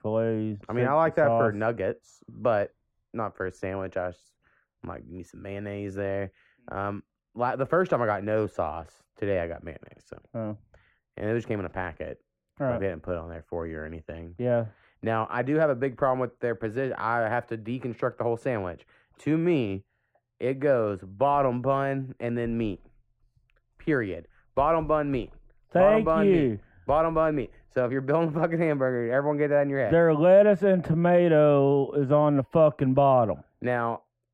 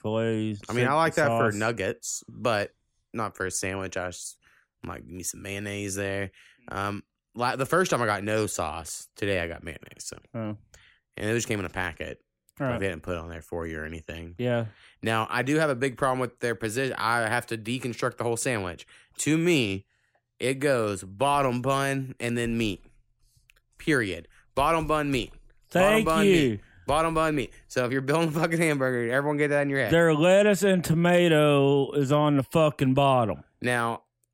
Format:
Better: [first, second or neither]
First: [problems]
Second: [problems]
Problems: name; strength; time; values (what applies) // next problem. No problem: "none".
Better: second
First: muffled; very; fading above 3.5 kHz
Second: none